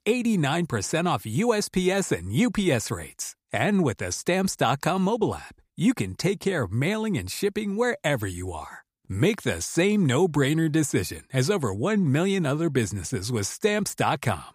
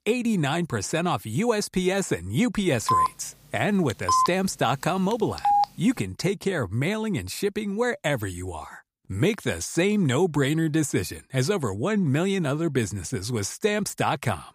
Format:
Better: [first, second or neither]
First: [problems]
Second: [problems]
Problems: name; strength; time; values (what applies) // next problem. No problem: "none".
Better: first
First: none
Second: phone ringing; loud; from 3 to 5.5 s; peak 3 dB above the speech